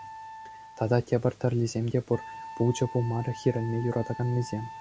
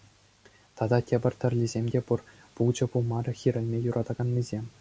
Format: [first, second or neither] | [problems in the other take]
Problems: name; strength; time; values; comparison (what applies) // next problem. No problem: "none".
second | background sound (Wind instrument, woodwind instrument); 15 dB below the speech